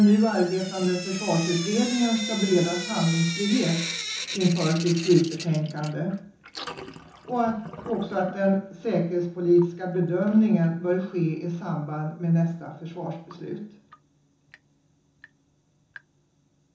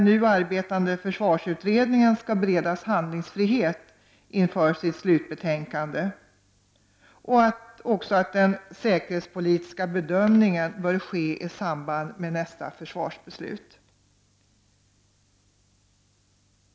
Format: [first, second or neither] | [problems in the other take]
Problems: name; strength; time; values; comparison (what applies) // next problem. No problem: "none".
second | background sound (Drip / Sink (filling or washing)); 13 dB below the speech // room echo; dies away in 0.7 s